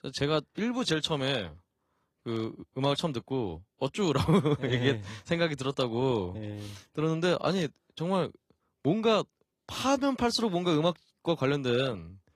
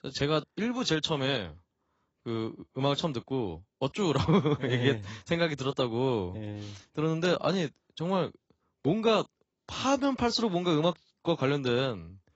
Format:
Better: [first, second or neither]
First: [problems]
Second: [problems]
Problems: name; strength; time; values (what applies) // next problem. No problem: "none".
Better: first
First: garbled, watery; slightly; nothing above 14.5 kHz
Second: garbled, watery; badly; nothing above 7.5 kHz